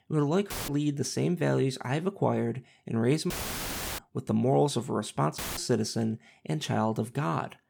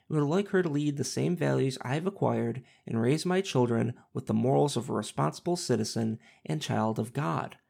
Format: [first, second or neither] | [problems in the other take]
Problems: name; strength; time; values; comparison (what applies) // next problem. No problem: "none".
second | audio cutting out; filled with static; at 0.5 s, at 3.5 s for 0.5 s and at 5.5 s